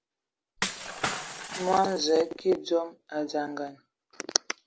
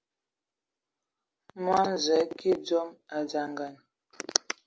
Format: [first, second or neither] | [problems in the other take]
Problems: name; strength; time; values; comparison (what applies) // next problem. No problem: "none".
second | background sound (Shatter / Crushing); 6 dB below the speech